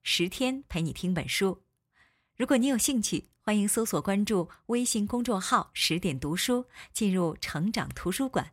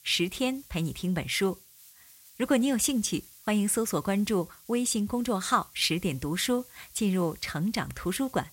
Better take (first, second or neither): first